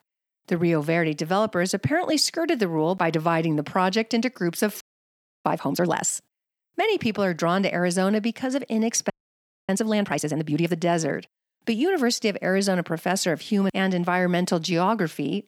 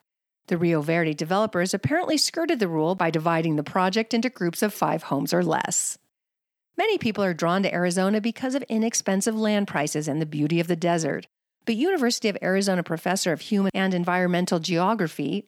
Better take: second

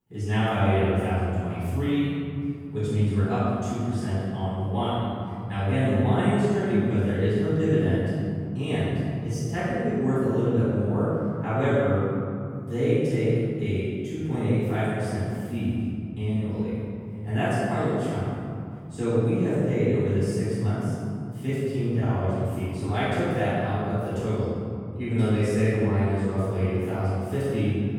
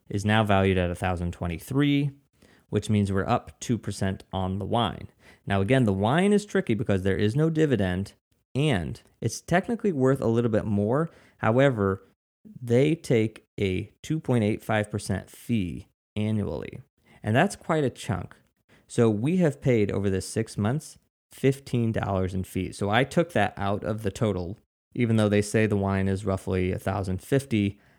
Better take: second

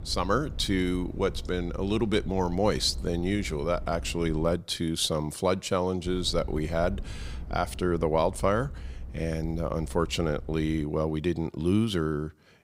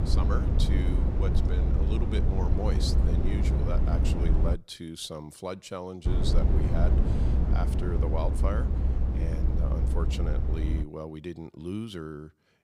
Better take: first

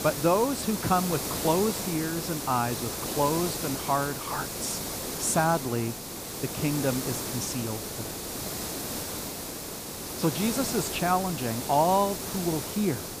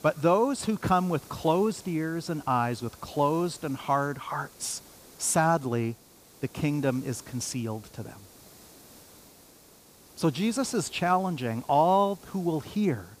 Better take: second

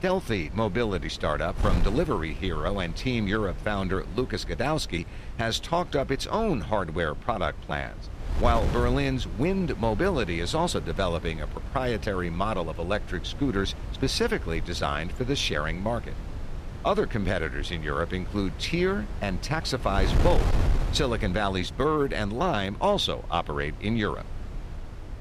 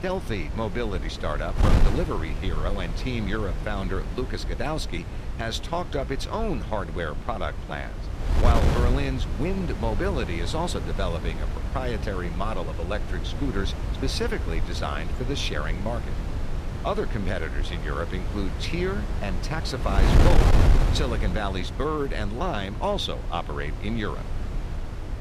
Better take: first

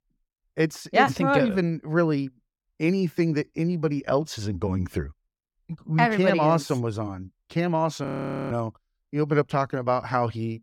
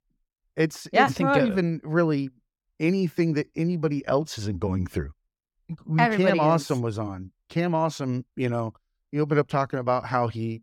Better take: second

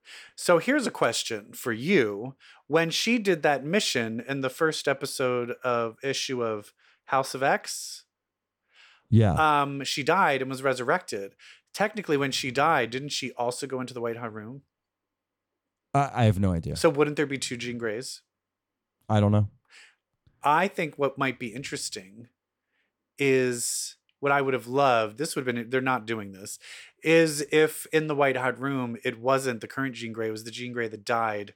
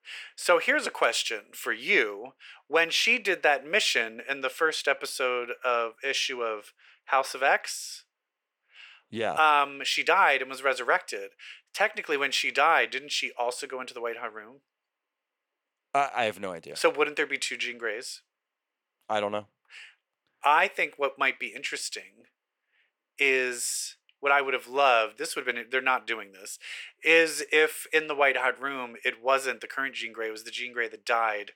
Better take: first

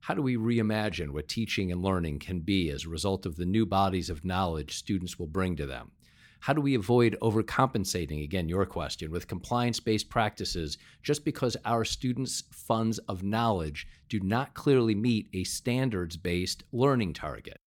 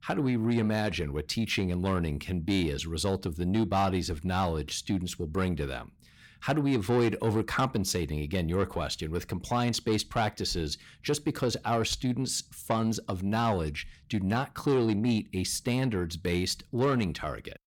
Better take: first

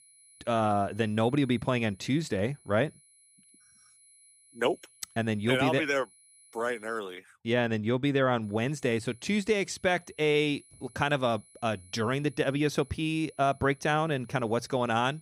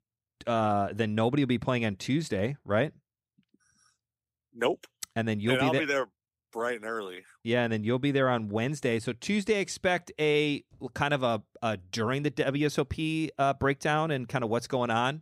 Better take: second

